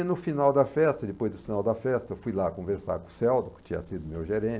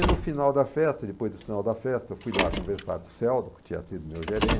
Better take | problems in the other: first | background sound (Car); 4 dB below the speech

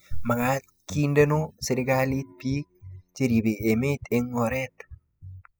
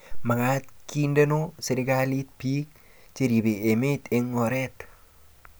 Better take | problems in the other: second | noise reduction (classical method spectral subtraction)

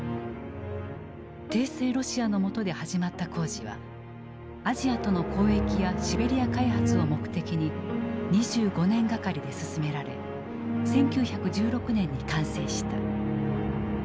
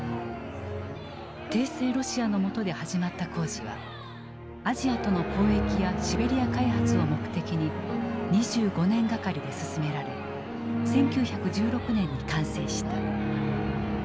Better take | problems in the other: first | background sound (Crowd); 15 dB below the speech

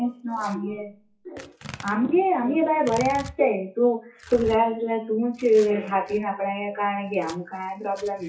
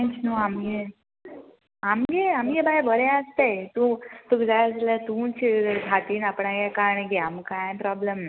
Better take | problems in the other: second | noise reduction (classical method WPE with log-MMSE)

